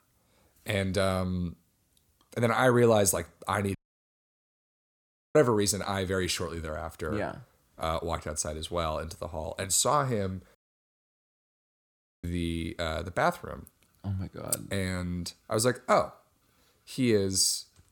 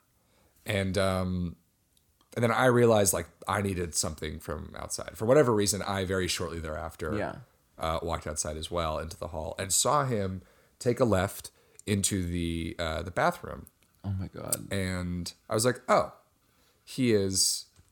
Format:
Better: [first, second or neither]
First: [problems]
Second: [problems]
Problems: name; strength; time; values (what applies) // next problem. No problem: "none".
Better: second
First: audio cutting out; at 4 s for 1.5 s and at 11 s for 1.5 s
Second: none